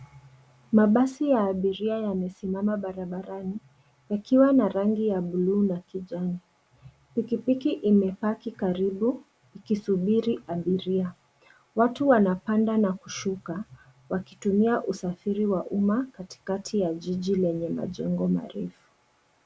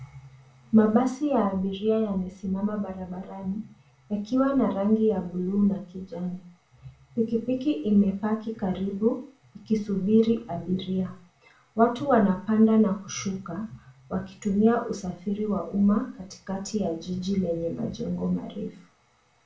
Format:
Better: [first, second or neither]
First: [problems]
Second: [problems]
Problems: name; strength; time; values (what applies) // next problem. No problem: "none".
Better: first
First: none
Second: room echo; dies away in 0.3 s